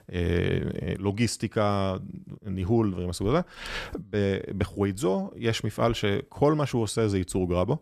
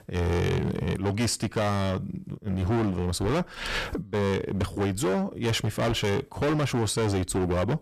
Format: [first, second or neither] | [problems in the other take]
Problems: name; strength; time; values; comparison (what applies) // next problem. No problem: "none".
first | distortion; heavy; 22% of the sound clipped